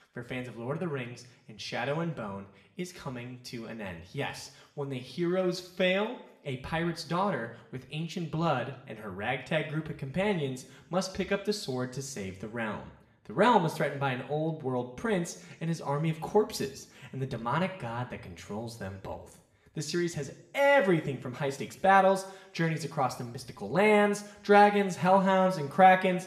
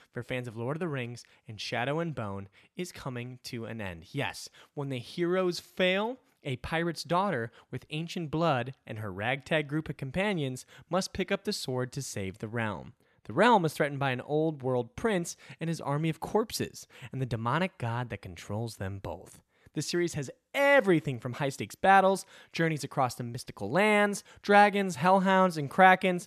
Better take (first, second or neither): second